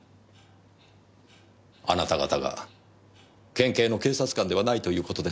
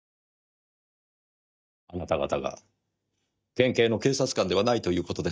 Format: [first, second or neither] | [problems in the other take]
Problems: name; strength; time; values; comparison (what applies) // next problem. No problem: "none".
first | noise reduction (neural mask model DeepFilterNet 3)